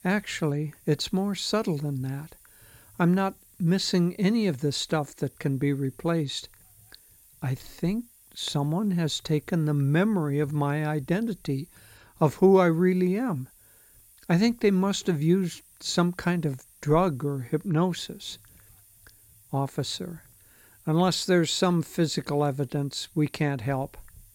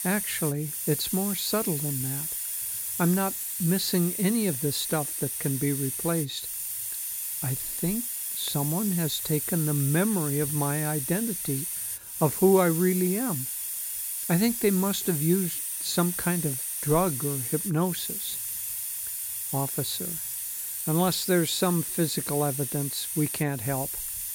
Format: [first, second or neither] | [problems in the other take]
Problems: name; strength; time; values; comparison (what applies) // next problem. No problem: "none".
first | hiss; loud; throughout; 2 dB below the speech; faint in the first